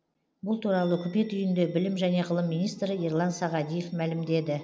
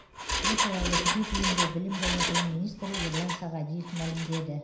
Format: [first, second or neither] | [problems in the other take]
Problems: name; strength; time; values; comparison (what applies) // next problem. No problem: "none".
first | background sound (Engine); 1 dB above the speech // room echo; dies away in 0.5 s